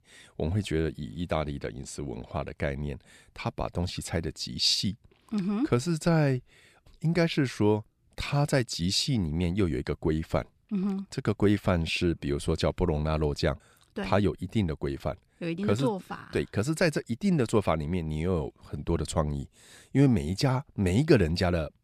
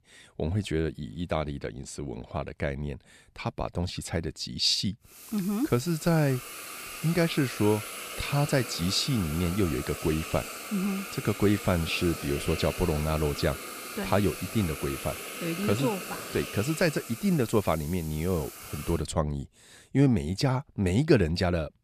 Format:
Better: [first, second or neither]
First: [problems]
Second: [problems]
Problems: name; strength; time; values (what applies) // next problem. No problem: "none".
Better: first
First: none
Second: hiss; loud; from 5 to 19 s; 9 dB below the speech